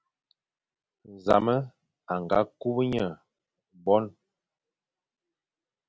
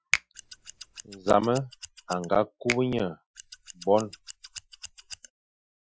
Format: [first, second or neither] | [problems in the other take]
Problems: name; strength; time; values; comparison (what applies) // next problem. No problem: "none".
first | noise reduction (classical method Wiener filter)